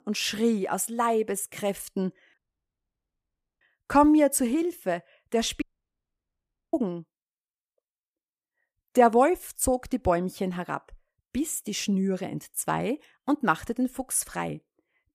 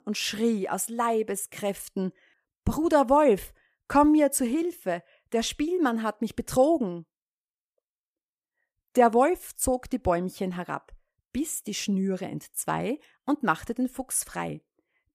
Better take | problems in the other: second | audio cutting out; at 2.5 s for 1 s and at 5.5 s for 1 s

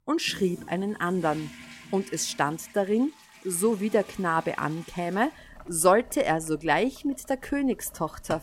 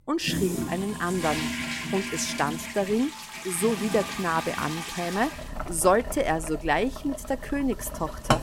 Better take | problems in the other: first | household noises; loud; throughout; 6 dB below the speech; faint in the first

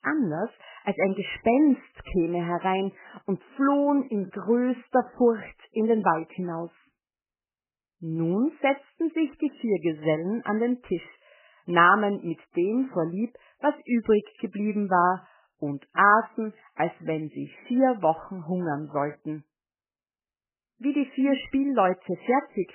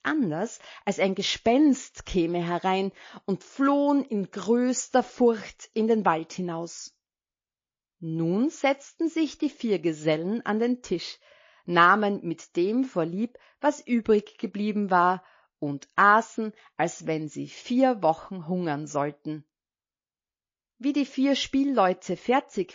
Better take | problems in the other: second | garbled, watery; badly; nothing above 3 kHz; slightly in the second

